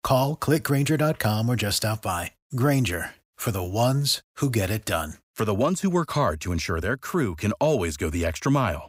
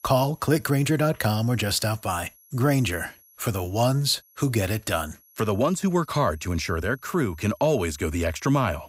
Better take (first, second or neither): first